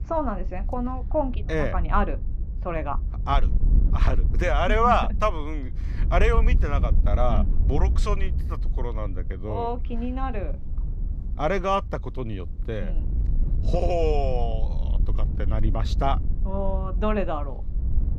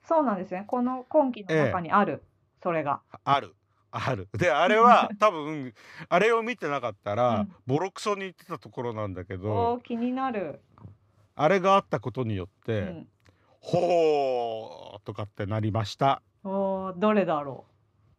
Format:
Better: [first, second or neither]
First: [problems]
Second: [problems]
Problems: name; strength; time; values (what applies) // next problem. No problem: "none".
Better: second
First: wind noise on the microphone; occasional gusts; 20 dB below the speech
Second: none